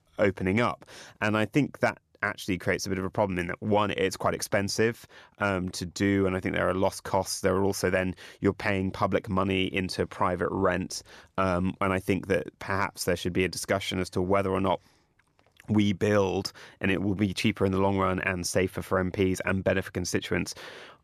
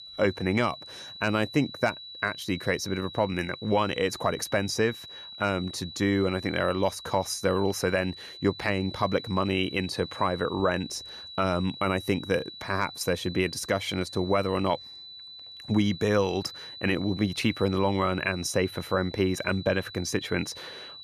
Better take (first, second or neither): first